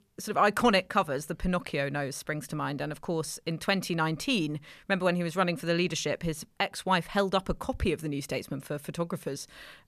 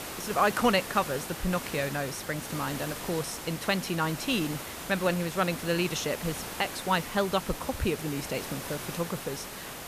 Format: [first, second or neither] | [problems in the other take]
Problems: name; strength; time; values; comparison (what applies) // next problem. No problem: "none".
first | hiss; loud; throughout; 7 dB below the speech